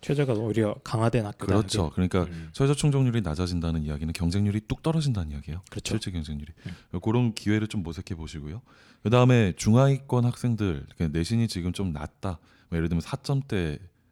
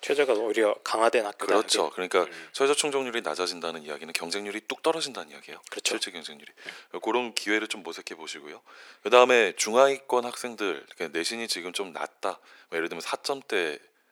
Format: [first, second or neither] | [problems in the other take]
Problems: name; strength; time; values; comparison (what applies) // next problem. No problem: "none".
first | thin; very; fading below 400 Hz